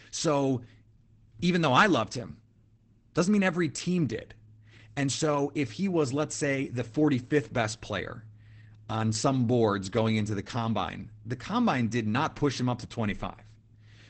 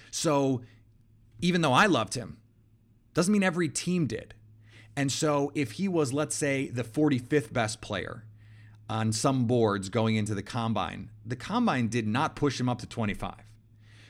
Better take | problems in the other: second | garbled, watery; badly; nothing above 8 kHz

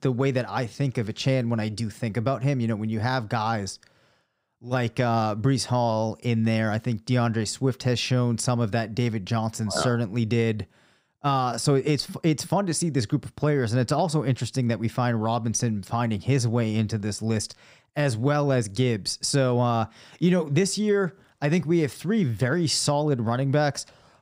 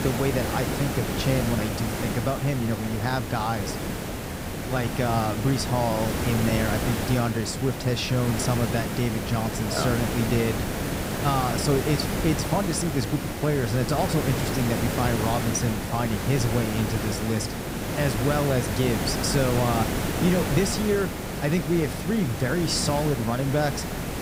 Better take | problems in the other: first | hiss; loud; throughout; 2 dB below the speech

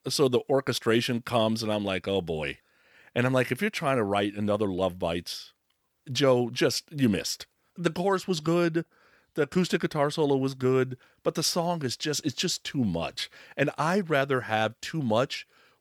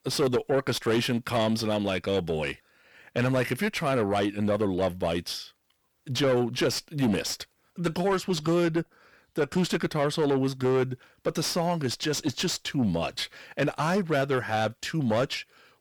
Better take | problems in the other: first | distortion; slight; 10 dB below the speech

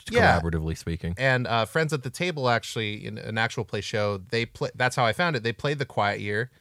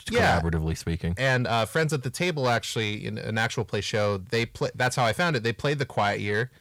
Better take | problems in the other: first | distortion; slight; 10 dB below the speech

